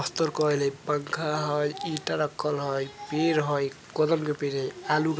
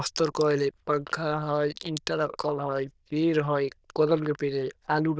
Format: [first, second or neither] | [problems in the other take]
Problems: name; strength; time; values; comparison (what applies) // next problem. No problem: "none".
first | noise reduction (neural diffusion model UNIVERSE++)